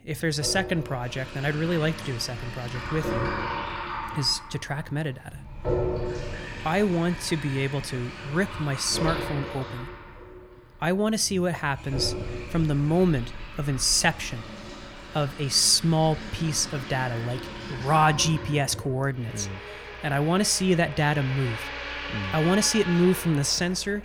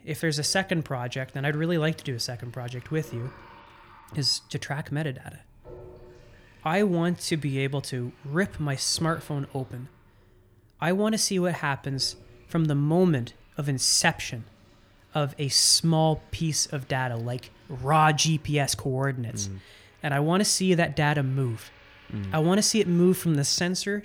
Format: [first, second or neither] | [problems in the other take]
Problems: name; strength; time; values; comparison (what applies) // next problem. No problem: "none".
second | household noises; loud; throughout; 10 dB below the speech; faint in the second